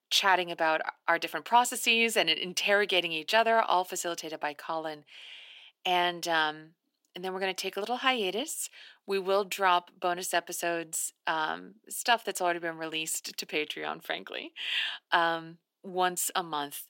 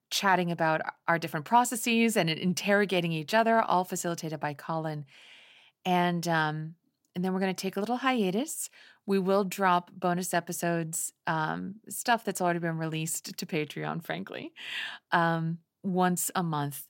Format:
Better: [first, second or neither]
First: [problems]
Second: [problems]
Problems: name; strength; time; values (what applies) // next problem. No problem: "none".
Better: second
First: thin; somewhat; fading below 300 Hz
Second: none